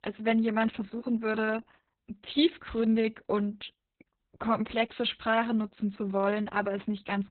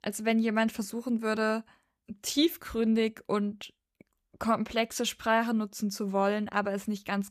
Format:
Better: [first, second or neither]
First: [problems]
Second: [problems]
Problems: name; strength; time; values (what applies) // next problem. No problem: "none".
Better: second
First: garbled, watery; badly; nothing above 4 kHz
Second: none